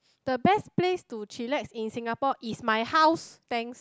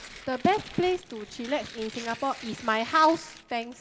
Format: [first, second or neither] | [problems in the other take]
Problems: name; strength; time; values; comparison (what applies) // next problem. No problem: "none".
first | background sound (Tearing); 16 dB below the speech // room echo; dies away in 0.5 s